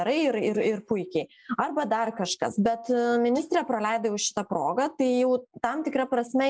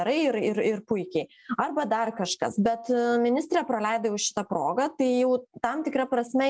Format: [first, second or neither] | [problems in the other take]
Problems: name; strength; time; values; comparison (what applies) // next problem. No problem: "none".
second | noise reduction (neural mask model Resemble Enhance denoiser)